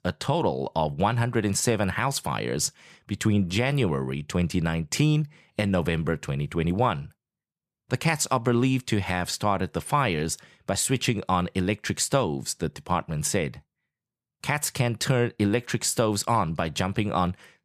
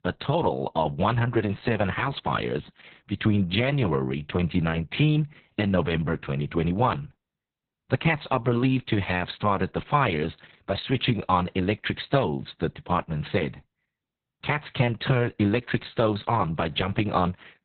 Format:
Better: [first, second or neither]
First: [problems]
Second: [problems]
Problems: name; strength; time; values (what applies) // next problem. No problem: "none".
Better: first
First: none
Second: garbled, watery; badly; nothing above 4 kHz